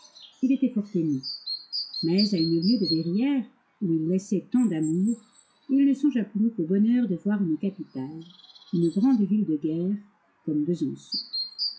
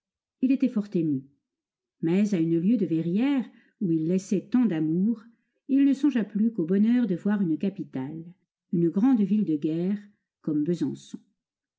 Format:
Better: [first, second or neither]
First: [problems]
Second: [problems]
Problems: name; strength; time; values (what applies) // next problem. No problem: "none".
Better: second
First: noise reduction (classical method log-MMSE)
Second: none